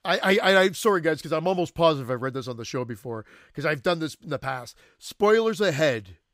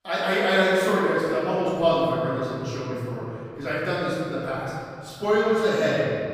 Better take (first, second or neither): first